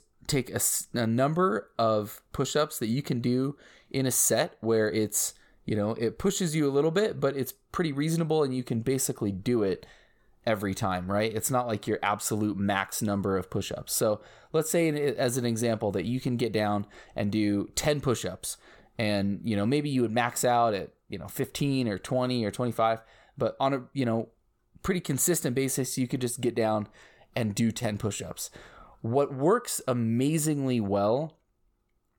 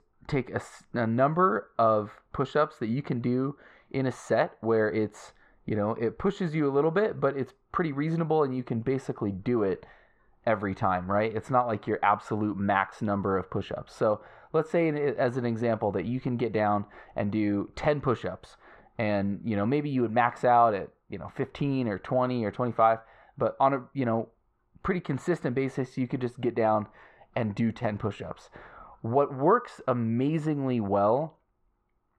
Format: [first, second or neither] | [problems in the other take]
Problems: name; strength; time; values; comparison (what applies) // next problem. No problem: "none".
first | muffled; very; fading above 2 kHz